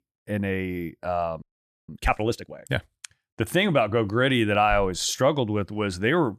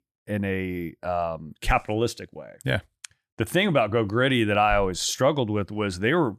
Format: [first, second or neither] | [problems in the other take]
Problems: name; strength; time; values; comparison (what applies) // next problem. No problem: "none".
second | audio freezing; at 1.5 s